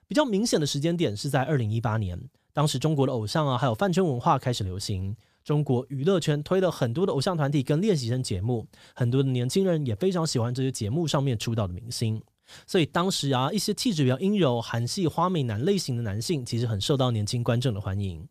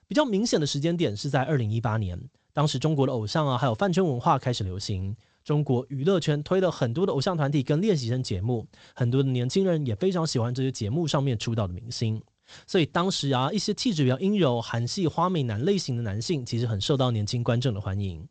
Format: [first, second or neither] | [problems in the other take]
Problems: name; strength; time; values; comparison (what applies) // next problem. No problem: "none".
first | garbled, watery; slightly; nothing above 8 kHz